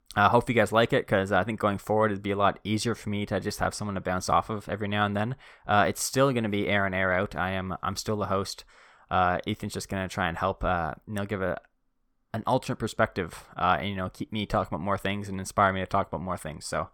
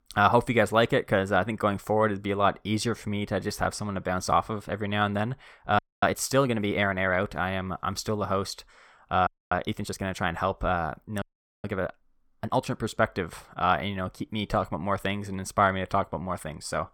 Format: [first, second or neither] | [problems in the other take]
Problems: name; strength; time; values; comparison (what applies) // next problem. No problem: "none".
first | audio freezing; at 6 s, at 9.5 s and at 11 s